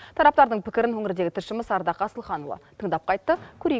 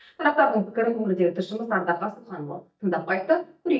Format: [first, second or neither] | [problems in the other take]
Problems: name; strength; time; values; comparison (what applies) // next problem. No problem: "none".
first | noise reduction (neural mask model DeepFilterNet 3)